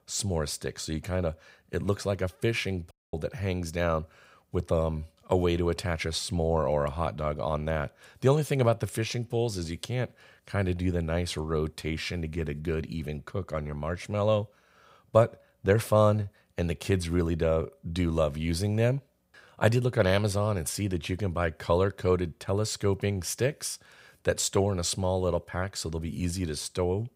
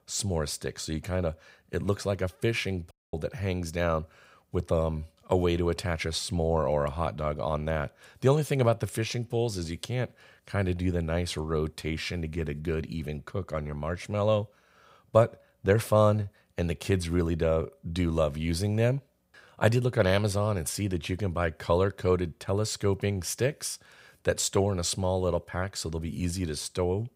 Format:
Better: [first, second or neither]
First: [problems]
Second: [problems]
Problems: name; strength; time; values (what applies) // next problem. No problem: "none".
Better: neither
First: audio cutting out; at 3 s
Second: audio cutting out; at 3 s